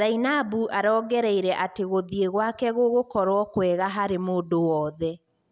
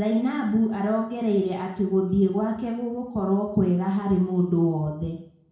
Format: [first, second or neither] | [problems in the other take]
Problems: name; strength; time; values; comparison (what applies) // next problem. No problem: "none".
first | room echo; dies away in 0.6 s